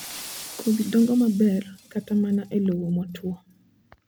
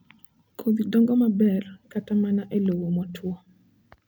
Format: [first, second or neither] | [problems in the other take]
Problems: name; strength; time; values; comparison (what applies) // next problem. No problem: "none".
second | background sound (Shatter); 19 dB below the speech